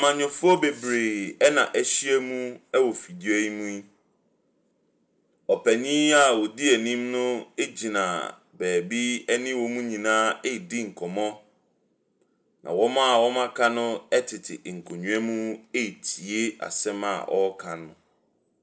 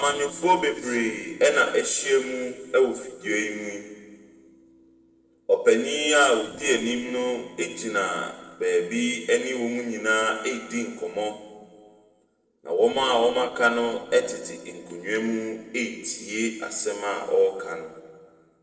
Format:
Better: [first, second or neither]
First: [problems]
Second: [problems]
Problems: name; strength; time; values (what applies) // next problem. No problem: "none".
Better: first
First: none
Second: noise reduction (neural separator model SepFormer DNS4)